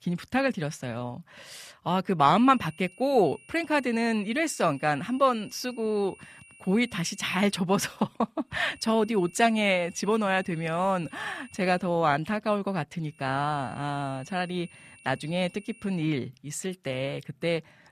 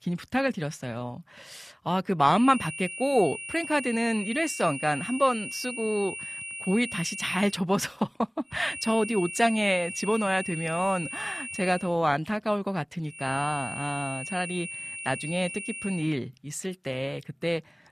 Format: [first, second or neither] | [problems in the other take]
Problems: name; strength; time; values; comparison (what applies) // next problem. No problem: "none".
first | high-pitched whine; loud; from 2.5 to 7.5 s, from 8.5 to 12 s and from 13 to 16 s; 2.5 kHz, 7 dB below the speech; faint in the first